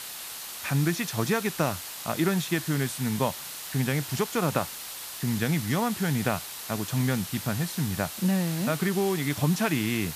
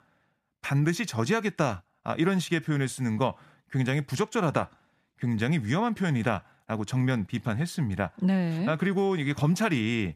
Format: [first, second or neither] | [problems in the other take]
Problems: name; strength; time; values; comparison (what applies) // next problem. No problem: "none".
second | hiss; loud; throughout; 7 dB below the speech